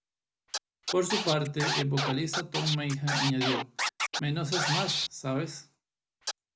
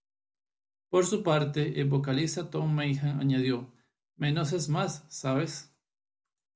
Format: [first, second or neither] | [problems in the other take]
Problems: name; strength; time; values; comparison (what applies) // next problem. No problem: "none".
second | background sound (Scratching (performance technique)); 2 dB below the speech